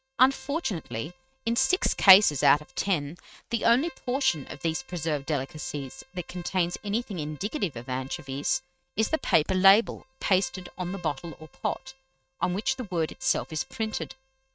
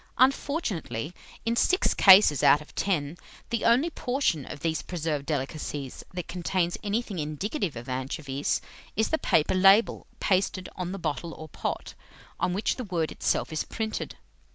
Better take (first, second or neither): second